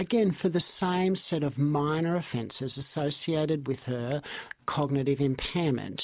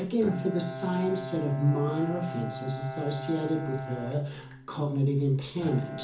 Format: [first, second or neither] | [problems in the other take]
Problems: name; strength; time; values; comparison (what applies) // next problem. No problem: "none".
first | background sound (Bowed string instrument); 10 dB below the speech // room echo; dies away in 0.7 s